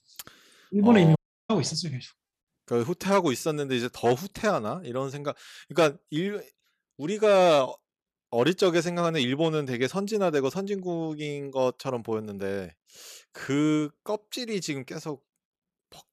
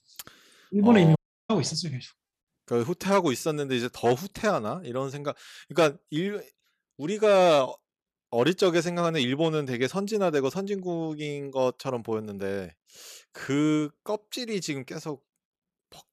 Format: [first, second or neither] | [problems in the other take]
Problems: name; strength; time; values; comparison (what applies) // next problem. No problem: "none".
neither | audio cutting out; at 1 s; the same in both